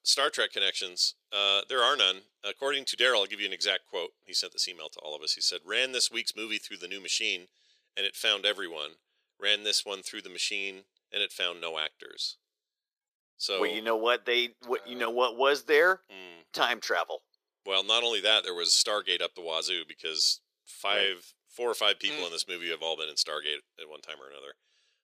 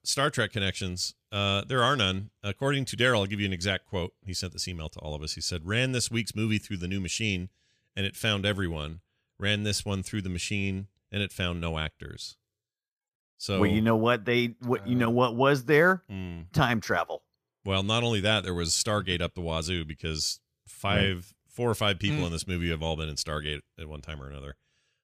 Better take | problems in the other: second | thin; very; fading below 400 Hz

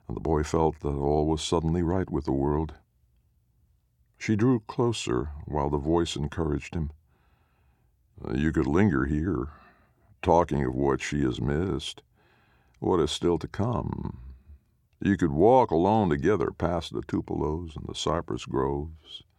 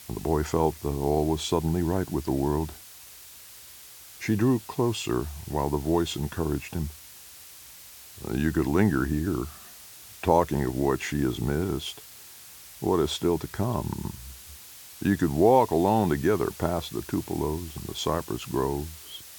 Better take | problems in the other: first | hiss; noticeable; throughout; 15 dB below the speech

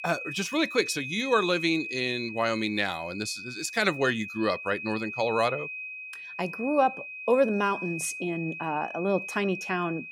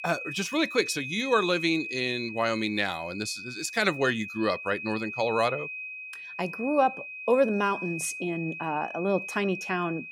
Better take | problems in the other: neither | high-pitched whine; loud; throughout; 2.5 kHz, 8 dB below the speech; the same in both

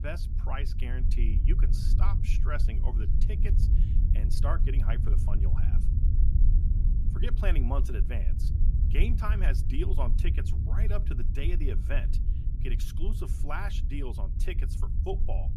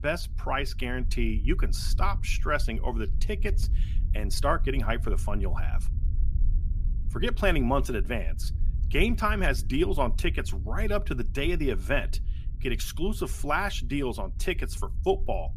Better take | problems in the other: second | low rumble; loud; throughout; 7 dB below the speech; faint in the second

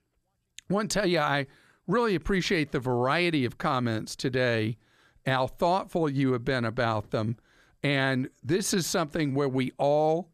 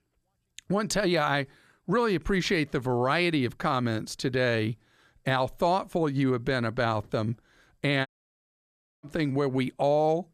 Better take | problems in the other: first | audio cutting out; at 8 s for 1 s

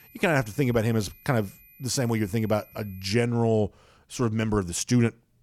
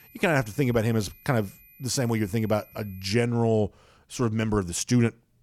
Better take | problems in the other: neither | high-pitched whine; faint; until 3 s; 12 kHz, 25 dB below the speech; the same in both

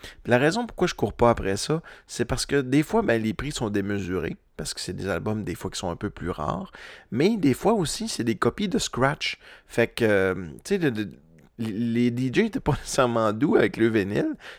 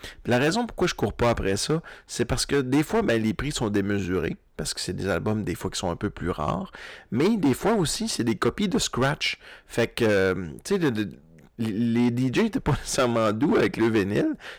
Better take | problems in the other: first | distortion; slight; 6% of the sound clipped

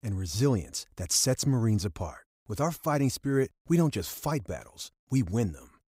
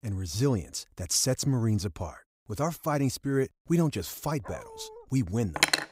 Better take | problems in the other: first | dog barking; faint; at 4.5 s; peak 15 dB below the speech // clattering dishes; very faint; at 5.5 s; peak 5 dB above the speech

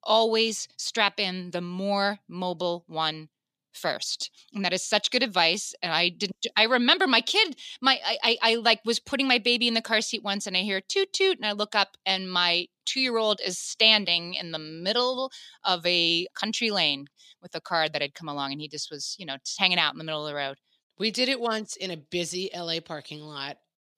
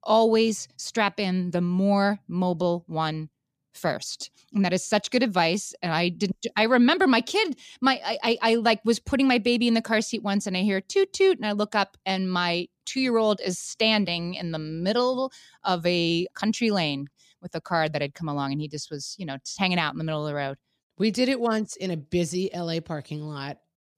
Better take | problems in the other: second | thin; very slightly; fading below 500 Hz

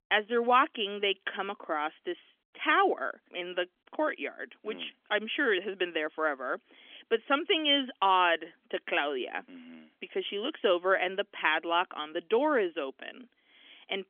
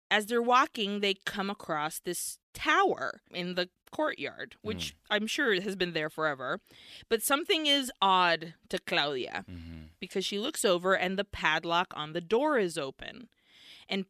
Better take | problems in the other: second | phone-call audio; nothing above 3.5 kHz

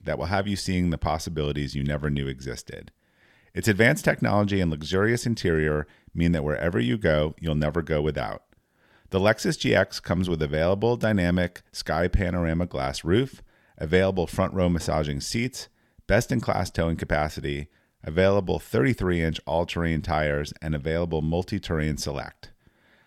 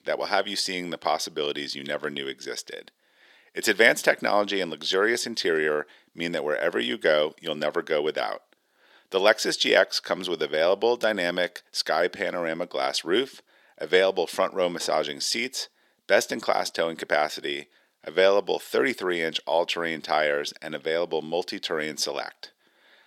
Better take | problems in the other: first | thin; somewhat; fading below 350 Hz

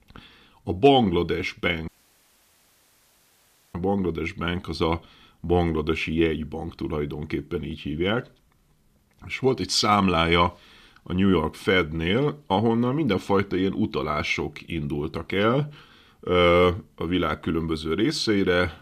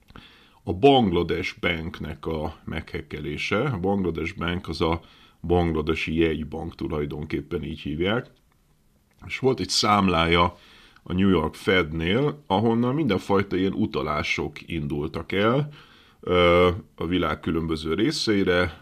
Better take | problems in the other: second | audio cutting out; at 2 s for 2 s

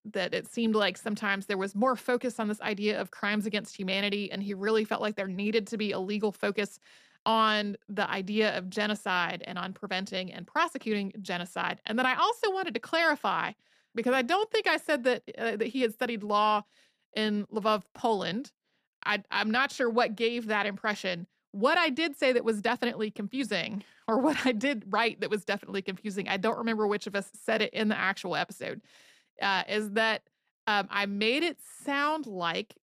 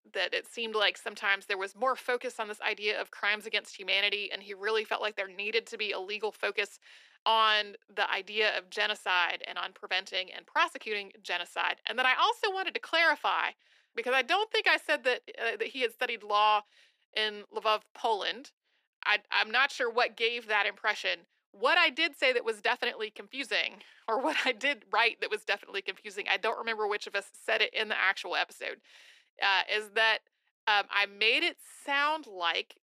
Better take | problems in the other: first | thin; very; fading below 350 Hz

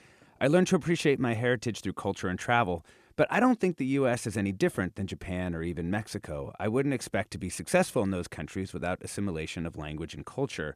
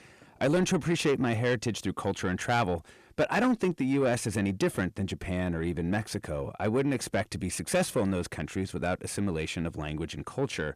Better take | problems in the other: first | distortion; slight; 10 dB below the speech

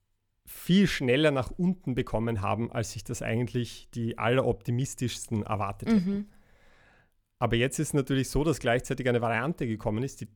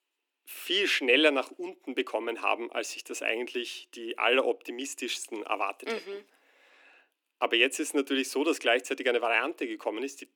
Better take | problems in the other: first | thin; somewhat; fading below 250 Hz

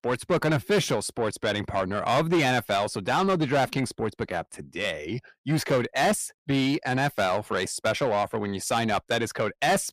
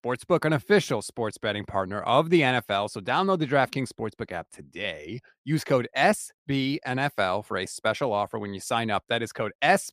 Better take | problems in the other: second | distortion; heavy; 8 dB below the speech

